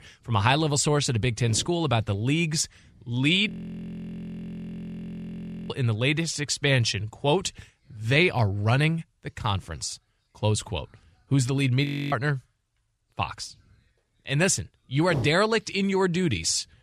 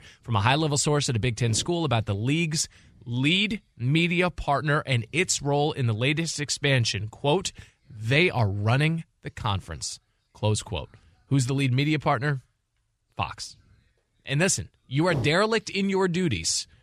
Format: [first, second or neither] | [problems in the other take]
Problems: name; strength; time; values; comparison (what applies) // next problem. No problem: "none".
second | audio freezing; at 3.5 s for 2 s and at 12 s